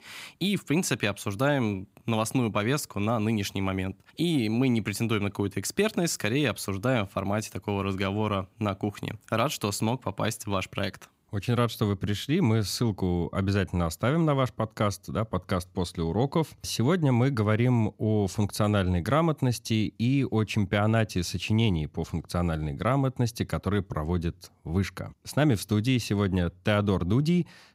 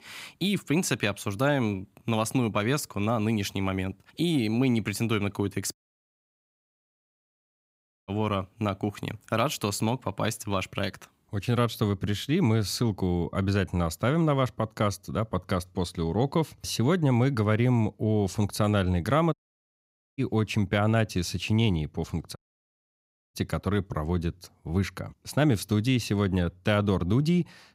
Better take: first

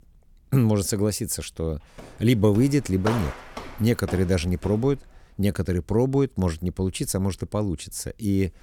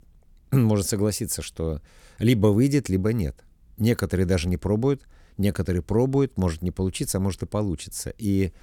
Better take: second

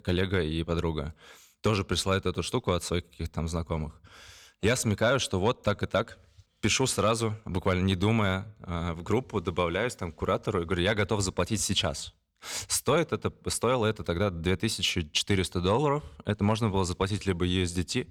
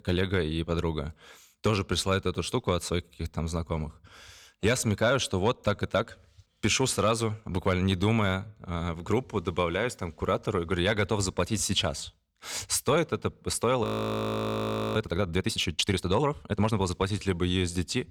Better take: first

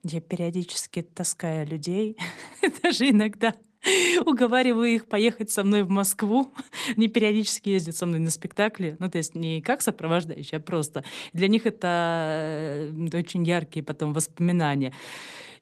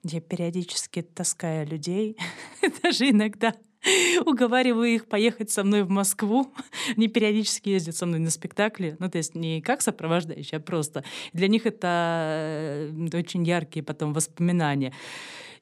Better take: second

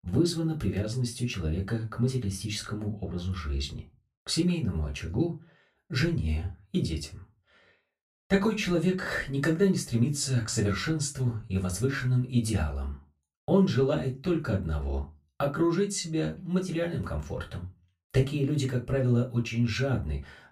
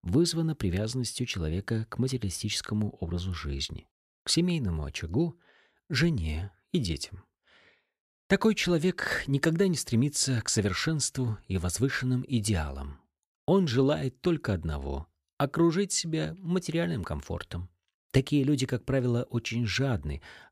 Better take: second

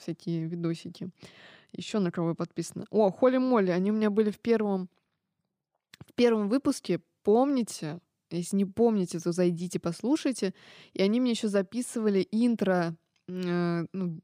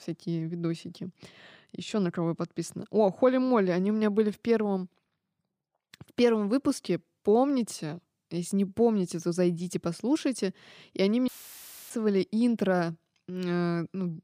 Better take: first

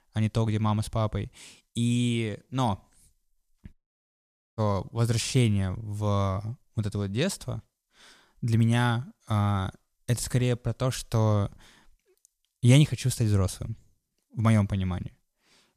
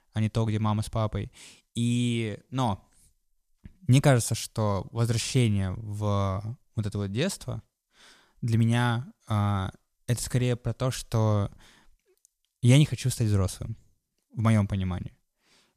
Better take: second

